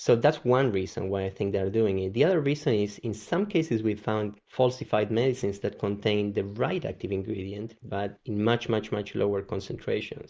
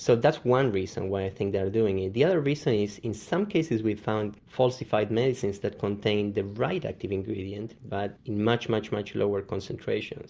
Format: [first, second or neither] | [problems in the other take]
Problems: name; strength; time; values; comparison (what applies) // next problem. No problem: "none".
second | noise reduction (neural mask model Resemble Enhance denoiser)